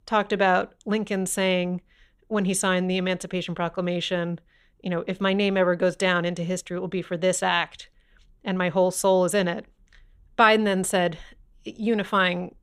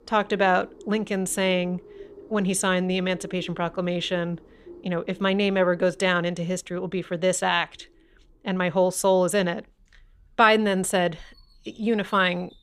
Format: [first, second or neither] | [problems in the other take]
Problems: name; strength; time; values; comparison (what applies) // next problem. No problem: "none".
first | animal sounds; faint; throughout; 25 dB below the speech